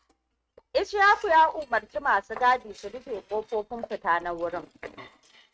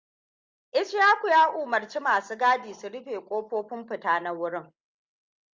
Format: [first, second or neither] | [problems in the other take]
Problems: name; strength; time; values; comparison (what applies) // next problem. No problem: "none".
second | noise reduction (neural mask model RNNoise)